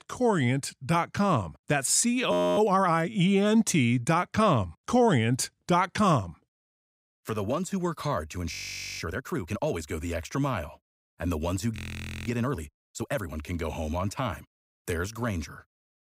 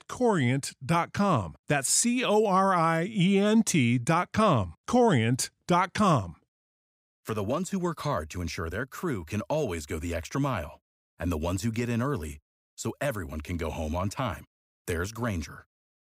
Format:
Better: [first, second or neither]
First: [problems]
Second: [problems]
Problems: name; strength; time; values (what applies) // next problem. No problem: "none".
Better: second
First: audio freezing; at 2.5 s, at 8.5 s and at 12 s for 0.5 s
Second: none